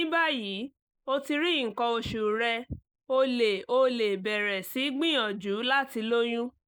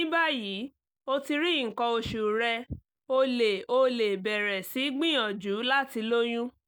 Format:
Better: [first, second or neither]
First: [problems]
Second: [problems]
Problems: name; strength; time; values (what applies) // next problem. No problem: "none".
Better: second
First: noise reduction (neural mask model Resemble Enhance denoiser)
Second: none